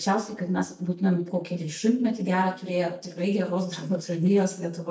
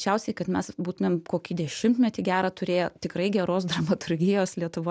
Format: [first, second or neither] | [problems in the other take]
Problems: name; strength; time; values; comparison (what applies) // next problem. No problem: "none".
second | noise reduction (neural mask model DeepFilterNet 3)